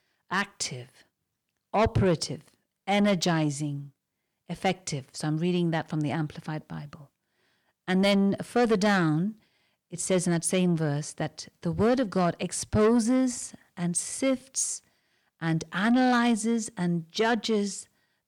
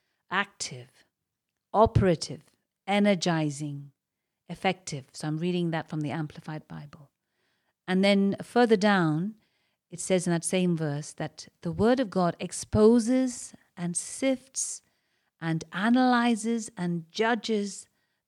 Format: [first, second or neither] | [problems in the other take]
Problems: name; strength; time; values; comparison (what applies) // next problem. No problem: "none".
second | distortion; slight; 10 dB below the speech